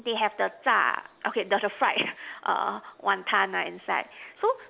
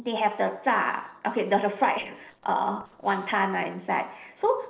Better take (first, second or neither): first